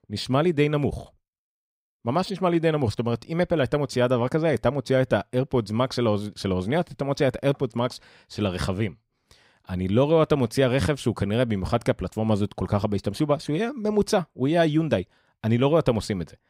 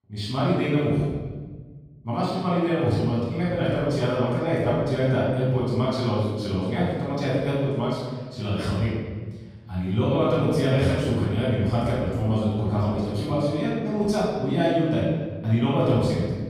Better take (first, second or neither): first